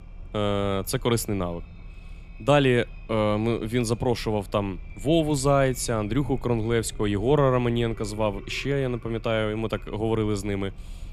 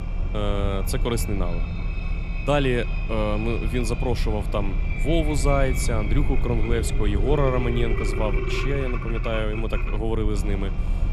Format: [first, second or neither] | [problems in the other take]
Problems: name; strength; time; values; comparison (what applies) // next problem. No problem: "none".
first | low rumble; loud; throughout; 7 dB below the speech; faint in the first